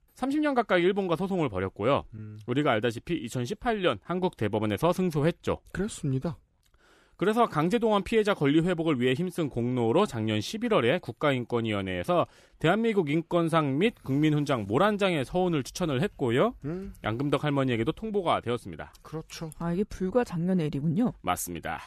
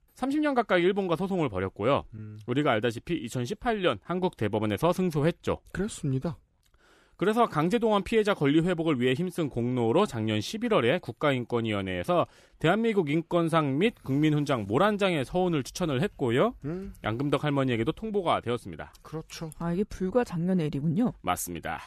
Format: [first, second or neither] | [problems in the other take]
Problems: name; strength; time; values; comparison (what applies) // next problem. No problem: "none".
neither | none